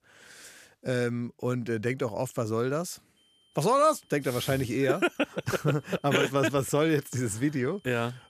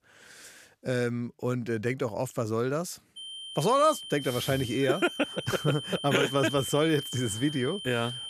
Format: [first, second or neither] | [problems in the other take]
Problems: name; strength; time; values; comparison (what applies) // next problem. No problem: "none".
first | high-pitched whine; loud; from 3 s on; 3 kHz, 9 dB below the speech; faint in the first